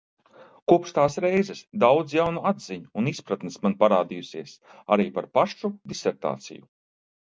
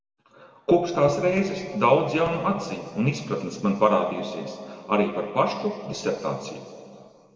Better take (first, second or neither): first